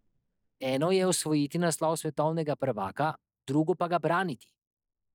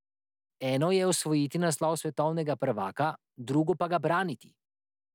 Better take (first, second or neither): second